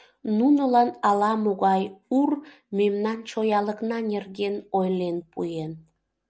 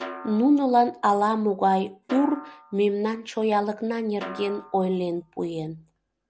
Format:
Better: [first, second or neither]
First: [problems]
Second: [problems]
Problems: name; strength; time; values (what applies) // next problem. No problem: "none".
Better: first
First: none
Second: background sound (Snare drum); 18 dB below the speech